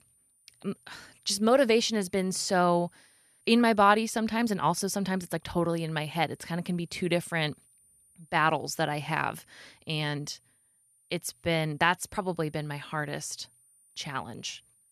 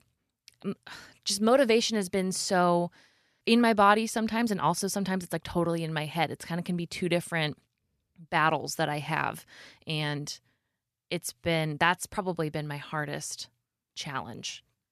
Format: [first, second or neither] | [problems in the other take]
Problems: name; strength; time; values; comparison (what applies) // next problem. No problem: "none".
second | high-pitched whine; faint; throughout; 9.5 kHz, 35 dB below the speech